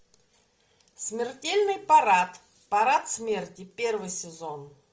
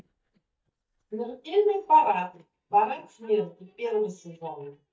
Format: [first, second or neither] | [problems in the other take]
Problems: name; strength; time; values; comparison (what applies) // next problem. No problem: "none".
first | noise reduction (neural mask model DeepFilterNet 3)